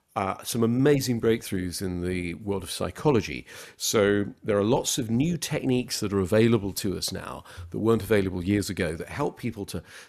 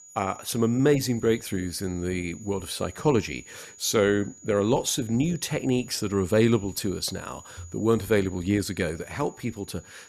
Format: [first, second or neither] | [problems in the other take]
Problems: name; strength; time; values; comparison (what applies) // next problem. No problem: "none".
first | high-pitched whine; faint; throughout; 7 kHz, 20 dB below the speech